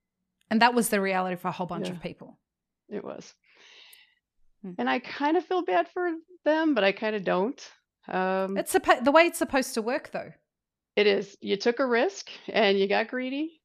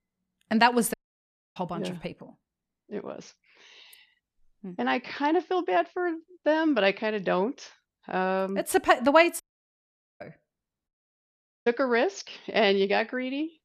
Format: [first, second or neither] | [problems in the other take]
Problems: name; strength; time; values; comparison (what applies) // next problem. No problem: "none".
first | audio cutting out; at 1 s for 0.5 s, at 9.5 s for 1 s and at 11 s for 1 s